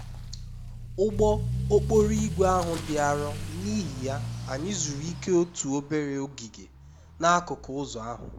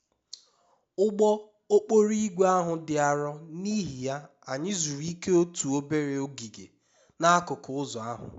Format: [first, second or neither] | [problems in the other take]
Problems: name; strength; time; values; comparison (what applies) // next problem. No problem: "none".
second | background sound (Accelerating, revving, vroom / Motor vehicle (road)); 7 dB below the speech